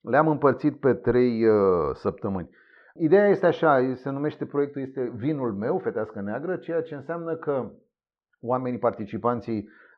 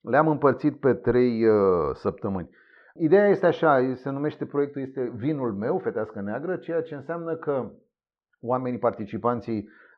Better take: neither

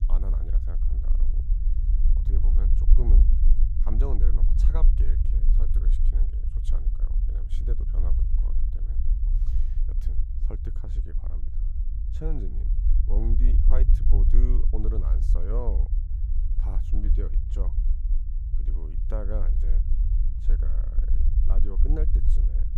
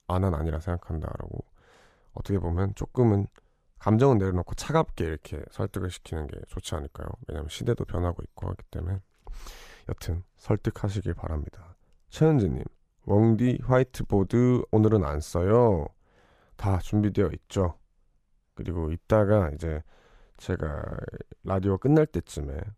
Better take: second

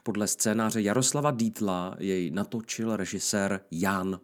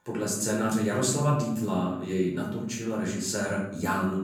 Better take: first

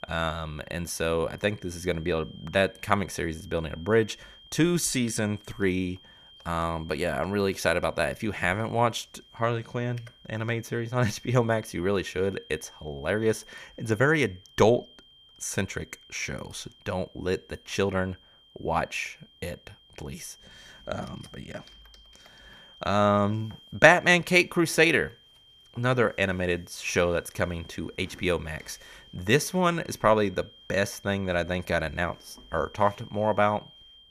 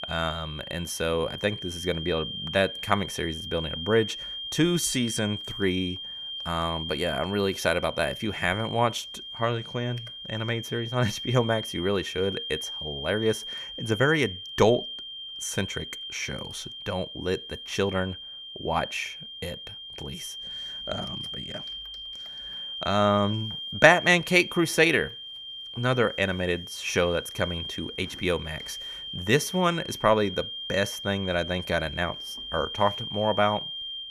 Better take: first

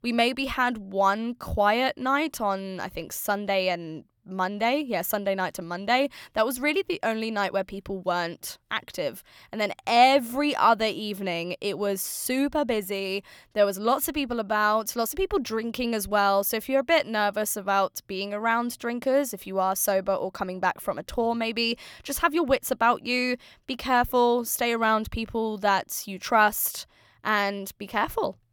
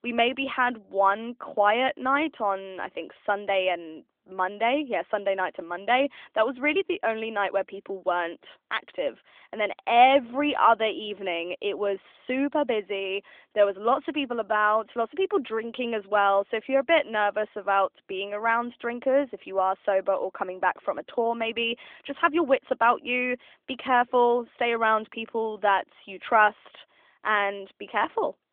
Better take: first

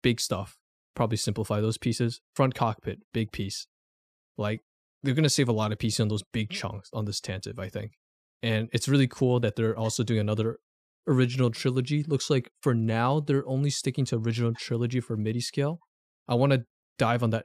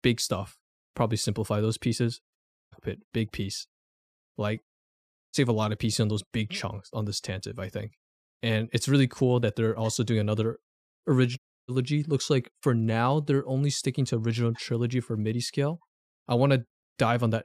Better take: first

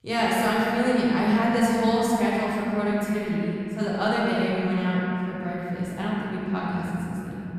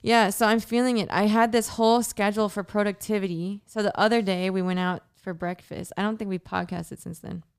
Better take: second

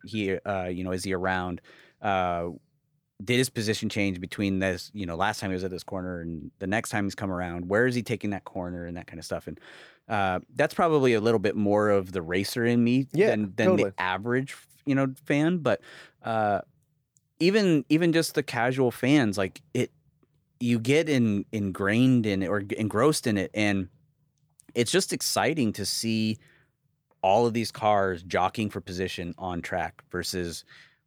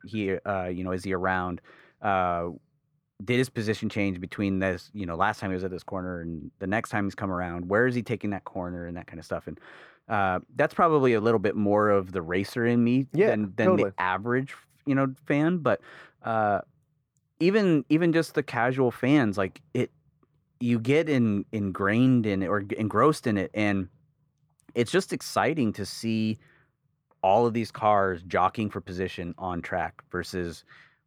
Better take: first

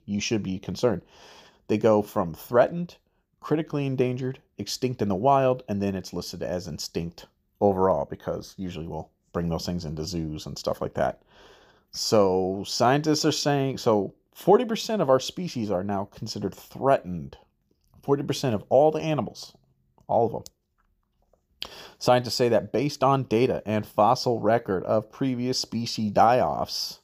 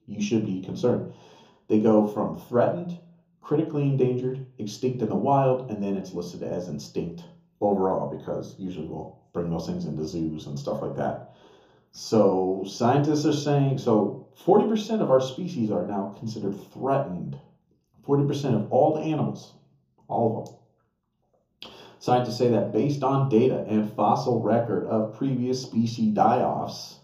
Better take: first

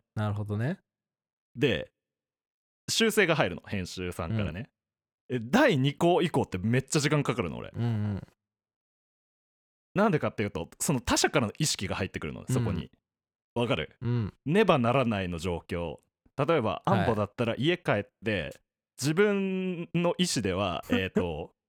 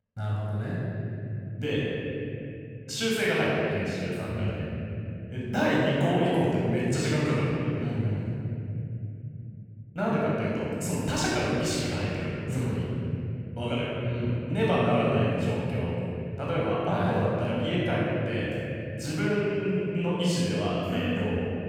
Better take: first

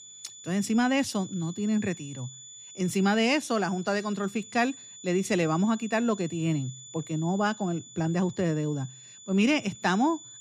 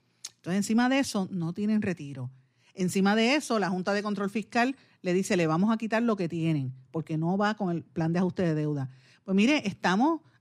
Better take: second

